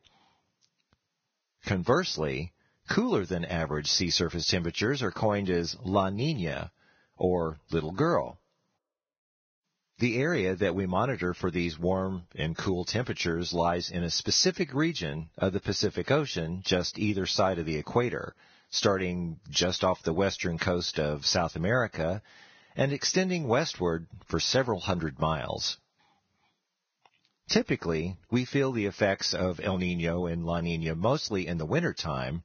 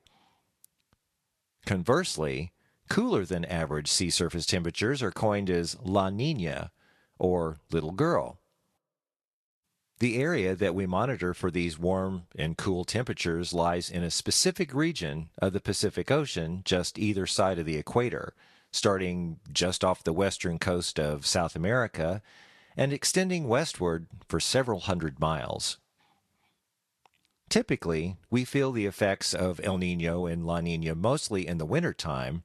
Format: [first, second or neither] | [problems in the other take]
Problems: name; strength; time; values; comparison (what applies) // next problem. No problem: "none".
second | garbled, watery; badly; nothing above 6.5 kHz; slightly in the second